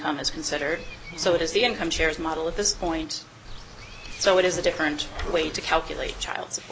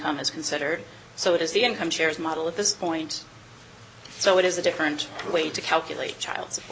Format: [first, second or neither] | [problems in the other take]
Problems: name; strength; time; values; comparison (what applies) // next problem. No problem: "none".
second | background sound (Walk, footsteps / Insect); 12 dB below the speech